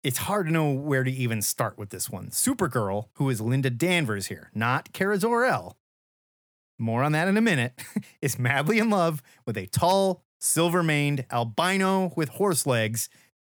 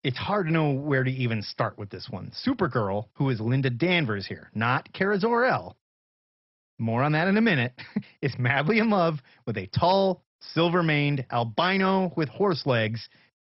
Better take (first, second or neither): first